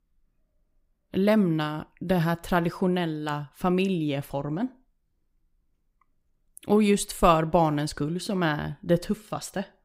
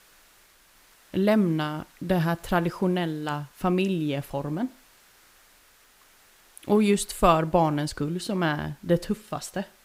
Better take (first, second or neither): first